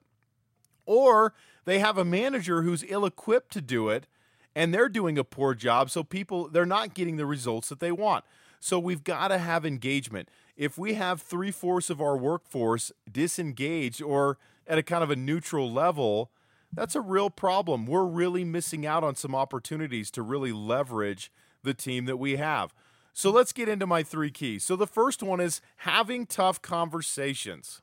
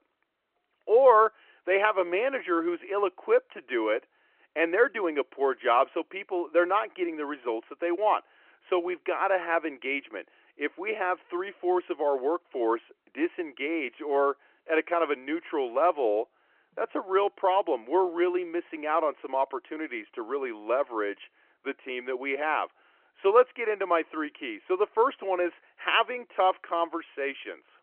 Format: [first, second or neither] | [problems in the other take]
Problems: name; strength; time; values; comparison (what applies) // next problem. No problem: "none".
first | phone-call audio